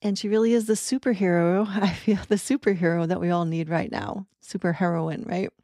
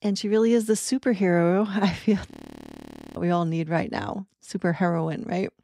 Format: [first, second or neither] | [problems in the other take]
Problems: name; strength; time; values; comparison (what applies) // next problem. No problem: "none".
first | audio freezing; at 2.5 s for 1 s